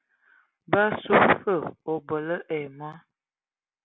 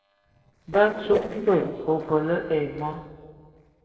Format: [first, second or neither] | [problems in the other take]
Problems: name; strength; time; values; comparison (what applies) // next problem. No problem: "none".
first | noise reduction (neural separator model SepFormer DNS4)